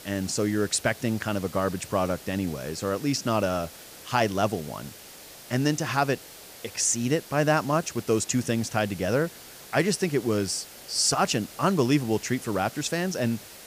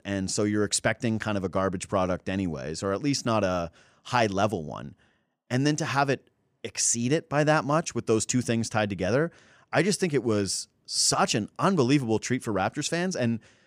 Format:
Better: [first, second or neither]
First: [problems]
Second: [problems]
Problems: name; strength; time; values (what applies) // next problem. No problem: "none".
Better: second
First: hiss; noticeable; throughout; 15 dB below the speech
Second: none